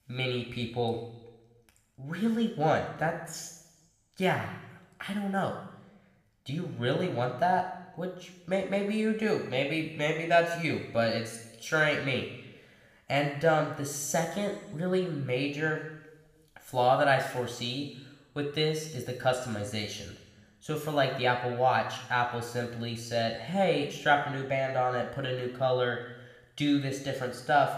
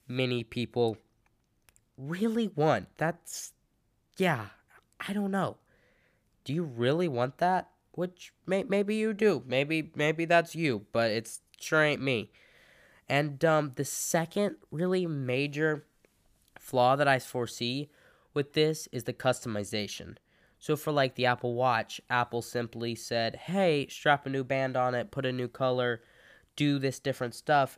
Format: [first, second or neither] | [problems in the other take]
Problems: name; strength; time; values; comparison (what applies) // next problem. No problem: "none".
second | room echo; noticeable; dies away in 1 s // off-mic speech; somewhat distant